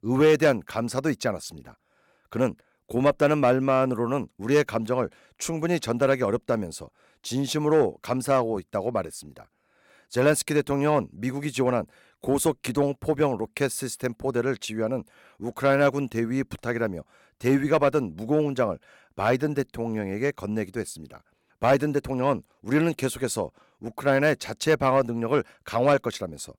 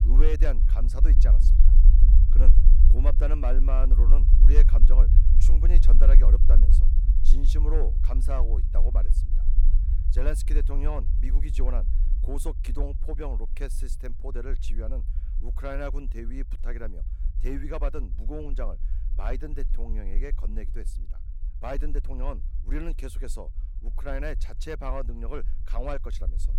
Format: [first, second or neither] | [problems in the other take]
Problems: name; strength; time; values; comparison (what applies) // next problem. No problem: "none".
first | low rumble; loud; throughout; 9 dB below the speech